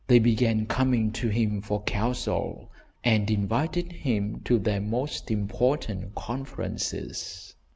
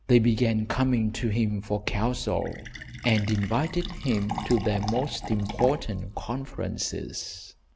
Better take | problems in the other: first | background sound (Fill (with liquid)); 13 dB below the speech

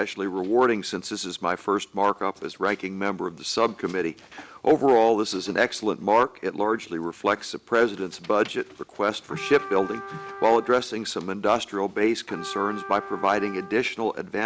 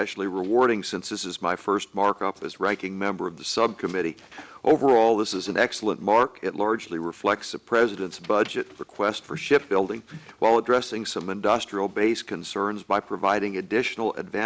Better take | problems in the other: second | background sound (Trumpet); 14 dB below the speech

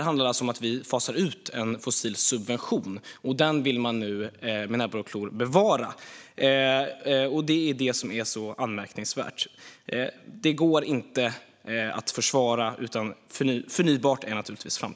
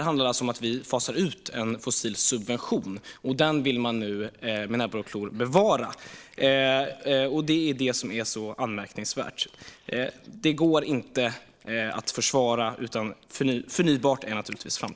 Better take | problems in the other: first | noise reduction (neural separator model SepFormer DNS4)

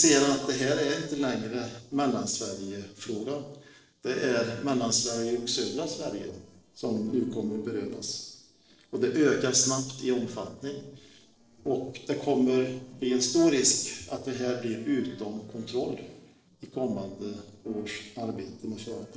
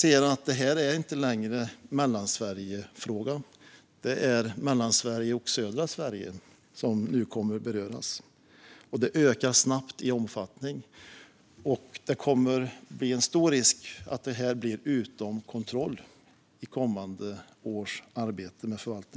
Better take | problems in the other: second | noise reduction (neural separator model SepFormer DNS4)

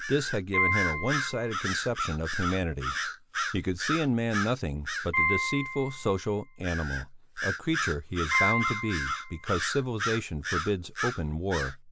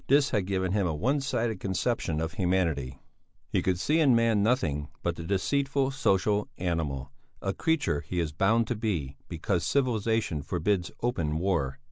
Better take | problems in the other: second | background sound (Bird vocalization, bird call, bird song + Piano); 2 dB below the speech

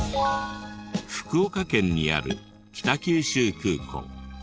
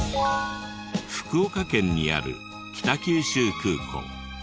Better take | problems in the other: second | noise reduction (neural separator model SepFormer DNS4)

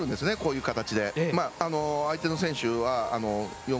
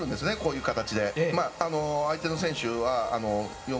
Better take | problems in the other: first | room echo; dies away in 0.4 s

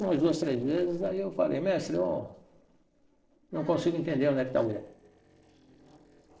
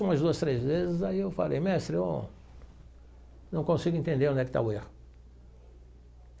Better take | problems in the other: second | noise reduction (neural separator model SepFormer DNS4)

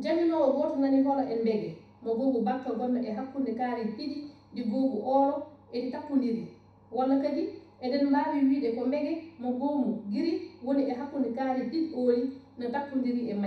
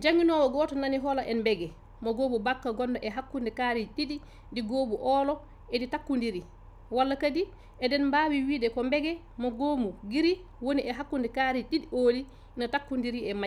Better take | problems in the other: second | room echo; dies away in 0.7 s

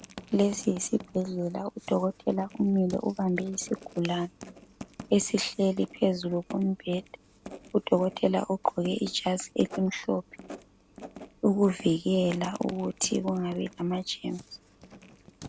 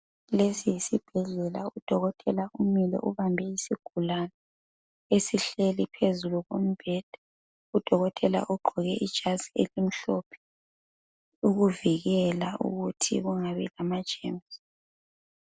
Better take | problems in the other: second | background sound (Writing); 18 dB below the speech

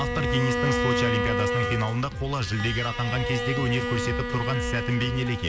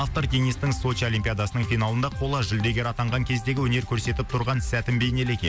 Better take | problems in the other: second | background sound (Bowed string instrument); 2 dB below the speech

